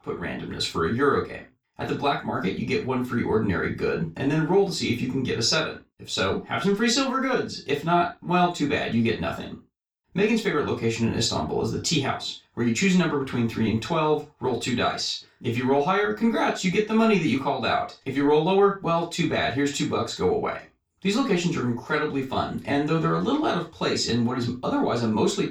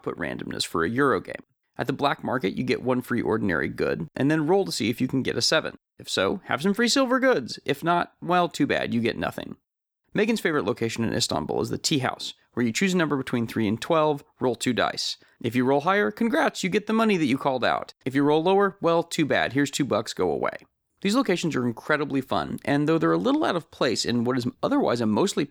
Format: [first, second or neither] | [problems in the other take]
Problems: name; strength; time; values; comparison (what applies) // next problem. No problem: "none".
second | room echo; noticeable; dies away in 0.2 s // off-mic speech; far